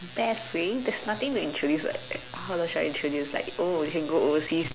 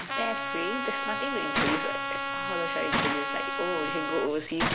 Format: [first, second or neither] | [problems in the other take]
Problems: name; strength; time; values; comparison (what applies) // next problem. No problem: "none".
first | background sound (Trumpet + Gunshot, gunfire); 2 dB above the speech